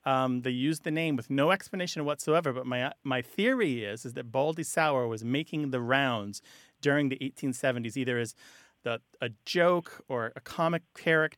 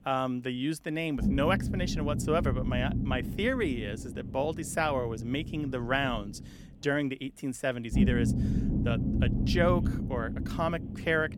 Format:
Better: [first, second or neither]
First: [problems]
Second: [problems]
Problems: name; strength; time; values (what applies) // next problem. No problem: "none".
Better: first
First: none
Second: low rumble; loud; throughout; 9 dB below the speech